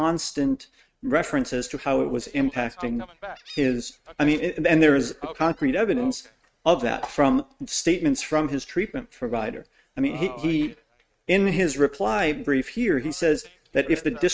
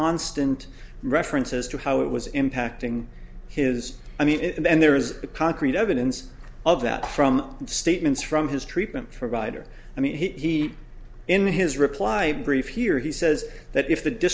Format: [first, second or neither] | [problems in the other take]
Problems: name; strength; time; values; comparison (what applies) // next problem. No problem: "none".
second | noise reduction (neural mask model RNNoise)